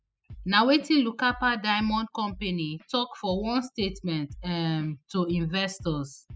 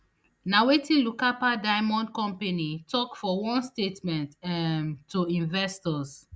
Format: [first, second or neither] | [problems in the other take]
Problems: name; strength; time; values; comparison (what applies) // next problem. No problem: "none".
second | noise reduction (classical method spectral subtraction)